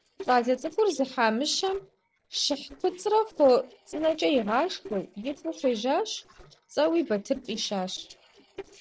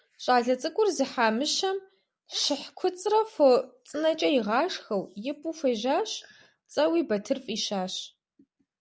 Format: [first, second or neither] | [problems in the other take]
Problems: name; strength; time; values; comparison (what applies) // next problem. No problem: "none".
second | noise reduction (neural separator model SepFormer DNS4)